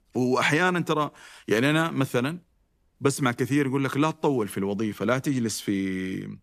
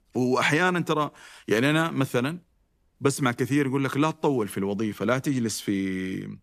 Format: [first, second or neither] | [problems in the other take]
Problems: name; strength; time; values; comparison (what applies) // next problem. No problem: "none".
neither | none